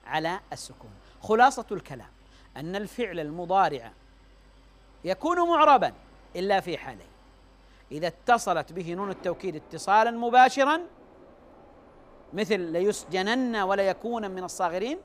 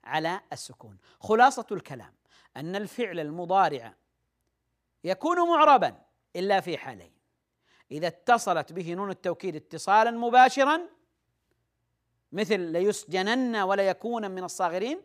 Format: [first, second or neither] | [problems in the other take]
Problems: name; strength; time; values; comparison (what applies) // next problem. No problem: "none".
second | train or aircraft noise; faint; throughout; 30 dB below the speech